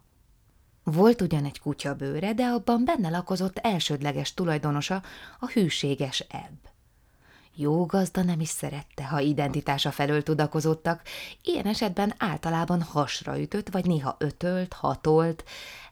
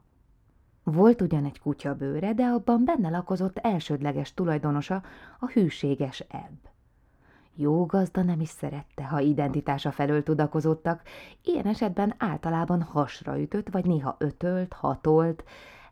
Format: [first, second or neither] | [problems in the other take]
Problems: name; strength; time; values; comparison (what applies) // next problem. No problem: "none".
first | muffled; slightly; fading above 2.5 kHz